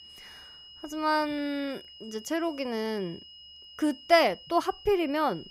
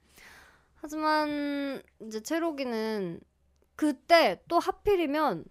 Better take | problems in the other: second | high-pitched whine; noticeable; throughout; 3 kHz, 20 dB below the speech

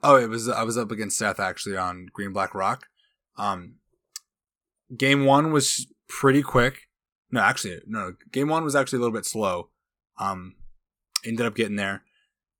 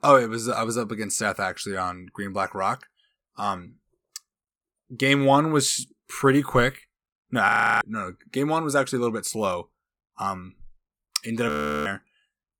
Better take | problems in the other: first | audio freezing; at 7.5 s and at 11 s

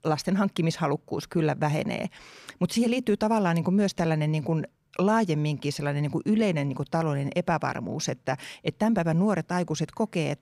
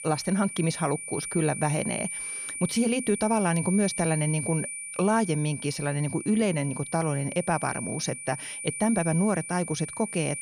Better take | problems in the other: first | high-pitched whine; loud; throughout; 9.5 kHz, 6 dB below the speech

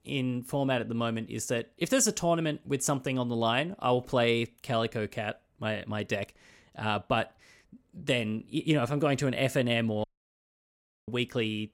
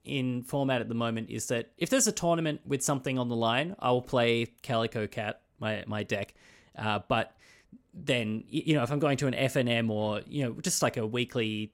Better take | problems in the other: second | audio cutting out; at 10 s for 1 s

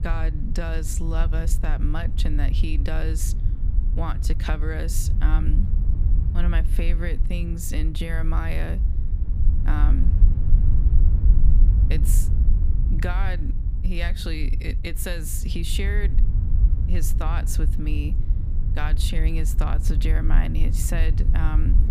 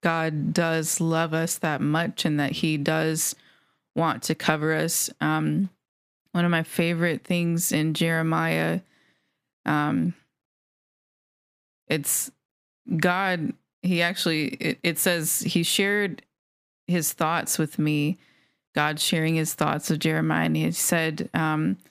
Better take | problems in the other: second | wind noise on the microphone; heavy; 8 dB below the speech

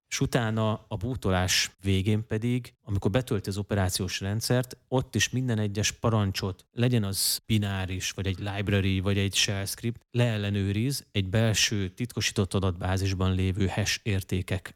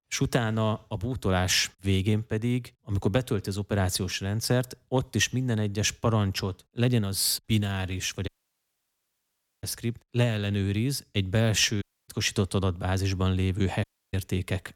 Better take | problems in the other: first | audio cutting out; at 8.5 s for 1.5 s, at 12 s and at 14 s

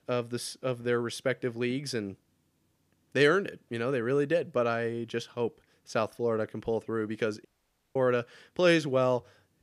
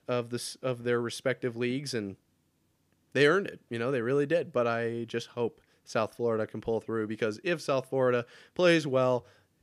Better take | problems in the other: second | audio cutting out; at 7.5 s for 0.5 s

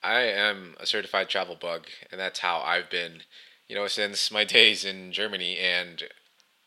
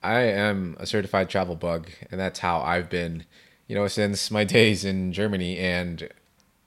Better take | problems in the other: second | thin; somewhat; fading below 400 Hz

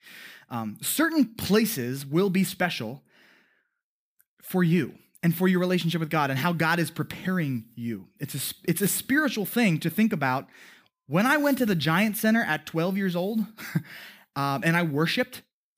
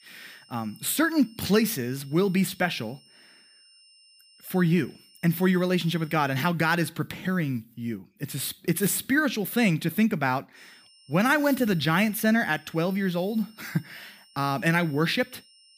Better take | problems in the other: first | high-pitched whine; faint; until 6.5 s and from 11 s on; 5.5 kHz, 30 dB below the speech

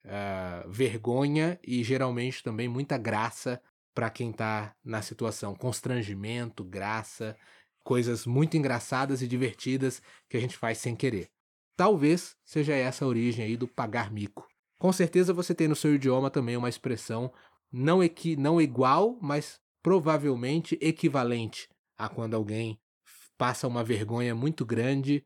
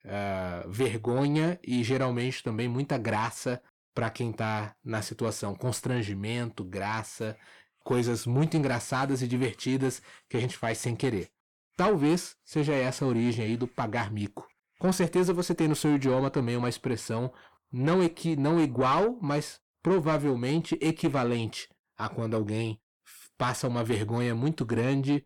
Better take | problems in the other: first | distortion; slight; 10 dB below the speech

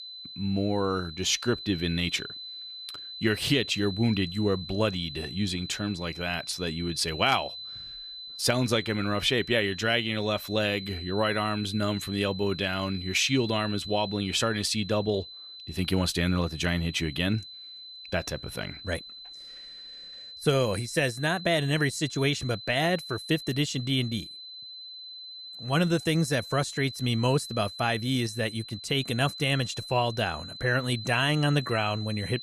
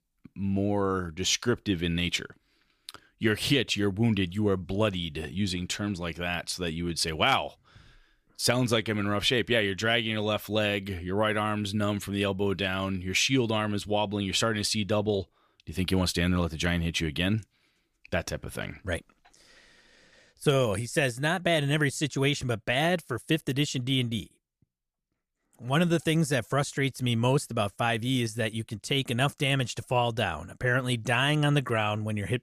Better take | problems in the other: second | high-pitched whine; noticeable; throughout; 4 kHz, 10 dB below the speech

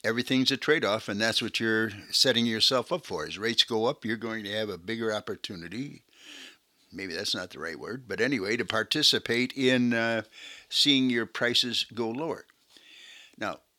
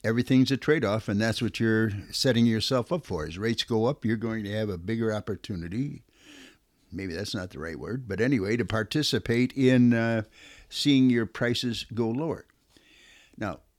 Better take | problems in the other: second | thin; very slightly; fading below 1 kHz

